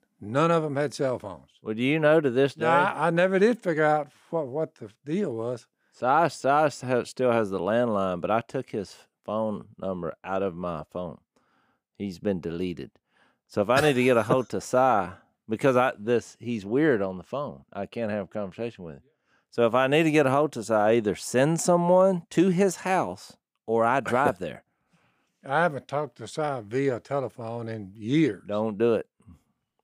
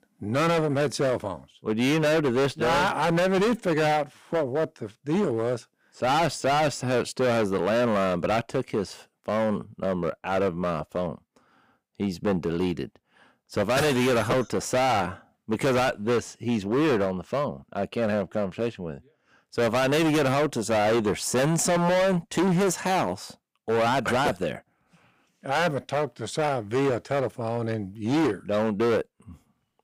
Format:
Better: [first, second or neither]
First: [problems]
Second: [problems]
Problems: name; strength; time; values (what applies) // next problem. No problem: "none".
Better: first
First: none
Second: distortion; heavy; 19% of the sound clipped